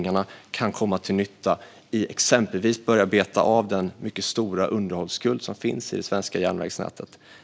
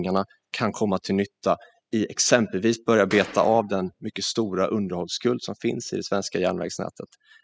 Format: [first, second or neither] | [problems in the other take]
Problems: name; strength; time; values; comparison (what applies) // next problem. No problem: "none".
first | noise reduction (classical method spectral subtraction)